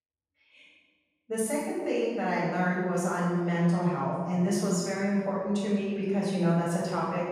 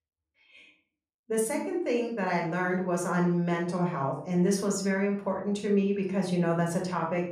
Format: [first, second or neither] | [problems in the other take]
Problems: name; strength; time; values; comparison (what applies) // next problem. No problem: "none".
second | room echo; strong; dies away in 1.9 s; slight in the second // off-mic speech; far; somewhat distant in the second